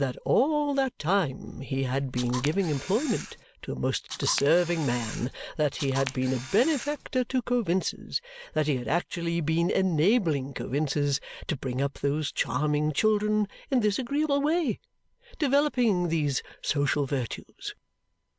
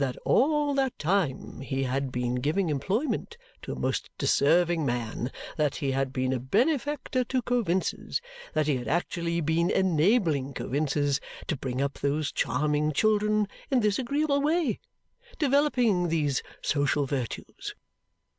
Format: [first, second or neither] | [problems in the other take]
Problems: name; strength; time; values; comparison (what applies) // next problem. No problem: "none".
second | background sound (Camera); 12 dB below the speech